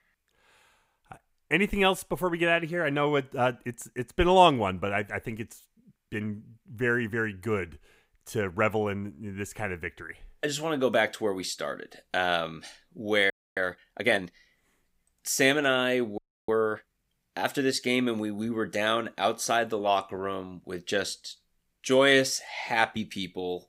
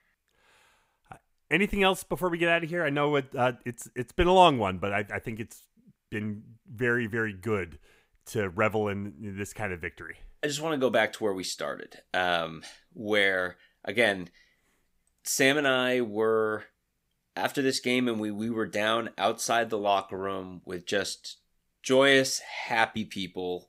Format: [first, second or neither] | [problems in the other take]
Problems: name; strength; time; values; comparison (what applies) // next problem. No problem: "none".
second | audio freezing; at 13 s and at 16 s